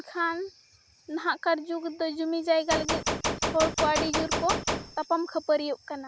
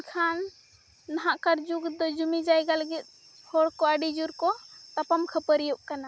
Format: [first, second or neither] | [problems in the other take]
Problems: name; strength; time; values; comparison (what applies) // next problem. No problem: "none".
second | background sound (Gunshot, gunfire); as loud as the speech